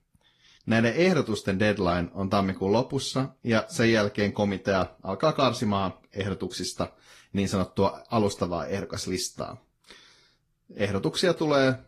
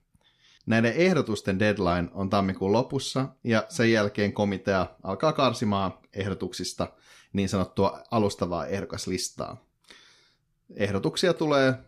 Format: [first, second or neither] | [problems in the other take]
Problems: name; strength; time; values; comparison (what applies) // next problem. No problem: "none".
second | garbled, watery; slightly; nothing above 14.5 kHz